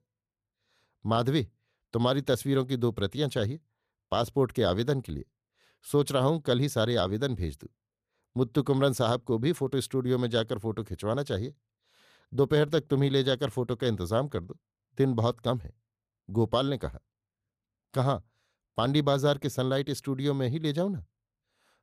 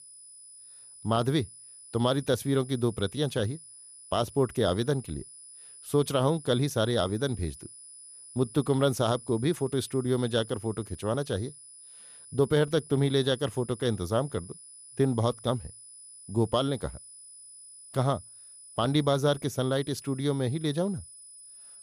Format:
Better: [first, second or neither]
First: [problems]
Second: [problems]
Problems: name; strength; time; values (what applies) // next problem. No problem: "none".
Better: first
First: none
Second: high-pitched whine; noticeable; throughout; 10 kHz, 15 dB below the speech